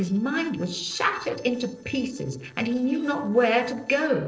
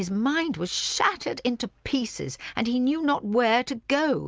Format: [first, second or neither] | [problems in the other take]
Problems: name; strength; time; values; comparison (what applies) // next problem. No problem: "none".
second | noise reduction (neural separator model SepFormer DNS4)